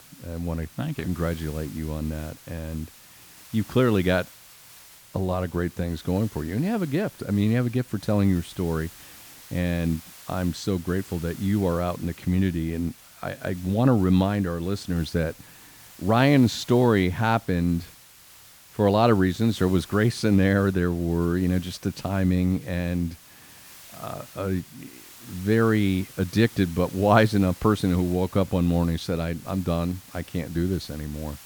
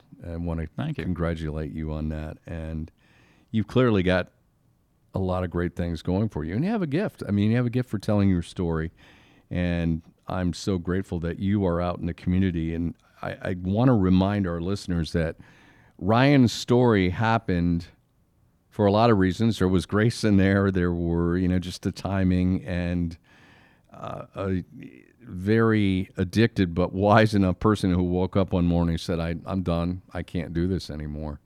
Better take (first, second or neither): second